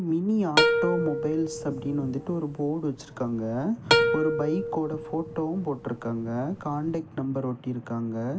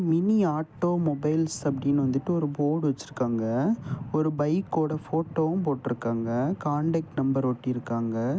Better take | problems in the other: second | background sound (Plucked string instrument); as loud as the speech // room echo; dies away in 2.1 s

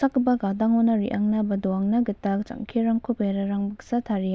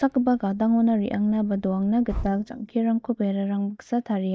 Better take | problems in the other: first | noise reduction (neural mask model DeepFilterNet 3)

